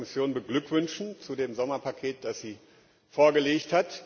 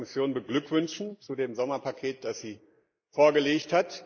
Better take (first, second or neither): first